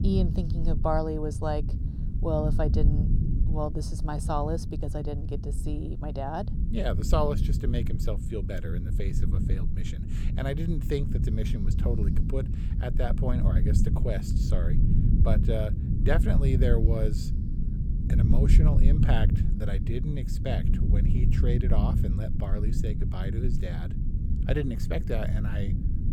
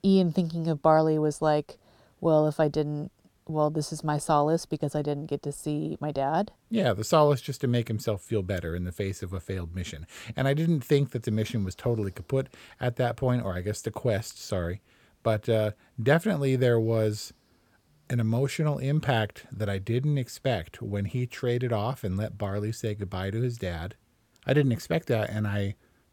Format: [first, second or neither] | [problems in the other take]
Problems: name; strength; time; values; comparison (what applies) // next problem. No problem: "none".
second | low rumble; loud; throughout; 6 dB below the speech